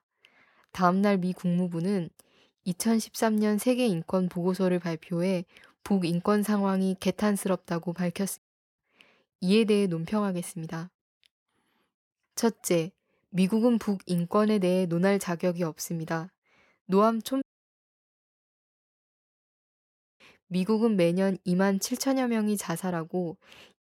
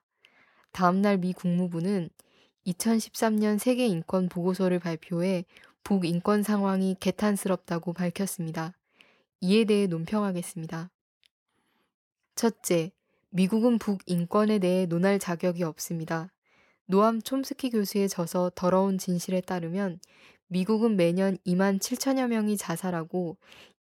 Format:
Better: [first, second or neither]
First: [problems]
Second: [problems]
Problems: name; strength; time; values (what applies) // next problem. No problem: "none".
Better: second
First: audio cutting out; at 8.5 s and at 17 s for 3 s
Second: none